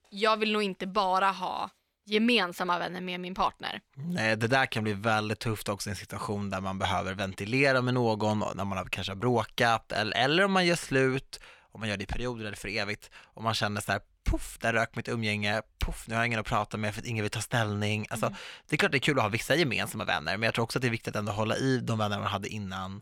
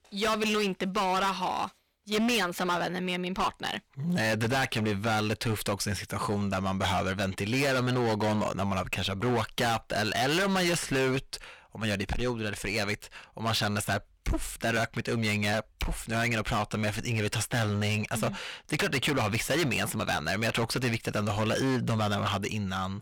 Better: first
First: none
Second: distortion; heavy; 18% of the sound clipped

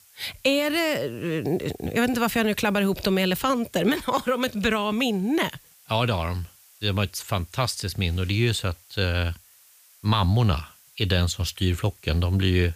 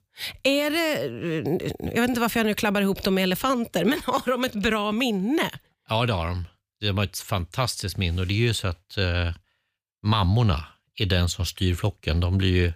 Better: second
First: hiss; faint; throughout; 25 dB below the speech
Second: none

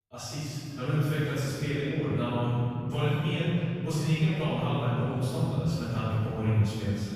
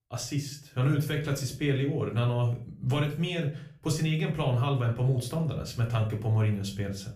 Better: second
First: room echo; strong; dies away in 3 s // off-mic speech; far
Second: room echo; slight; dies away in 0.3 s // off-mic speech; far

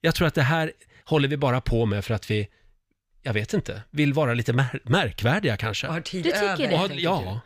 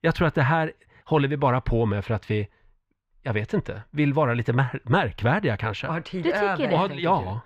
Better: first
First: none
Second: muffled; slightly; fading above 4 kHz

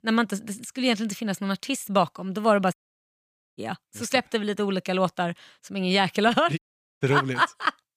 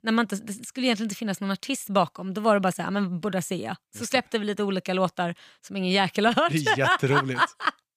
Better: second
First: audio cutting out; at 2.5 s for 1 s and at 6.5 s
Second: none

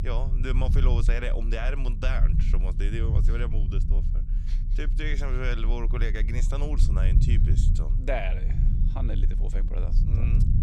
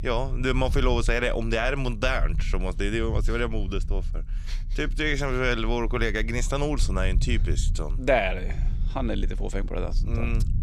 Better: second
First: low rumble; loud; throughout; 7 dB below the speech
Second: low rumble; faint; throughout; 20 dB below the speech

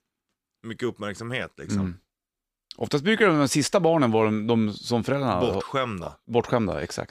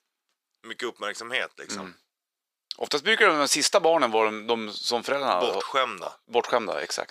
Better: first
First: none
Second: thin; somewhat; fading below 550 Hz

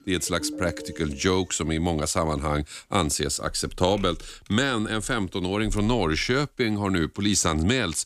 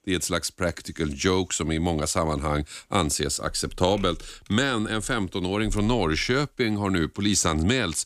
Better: second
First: phone ringing; noticeable; until 1.5 s; peak 10 dB below the speech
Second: none

